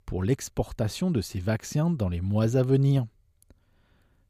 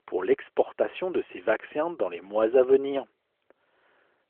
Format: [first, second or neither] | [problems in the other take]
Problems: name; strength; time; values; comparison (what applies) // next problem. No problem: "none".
first | phone-call audio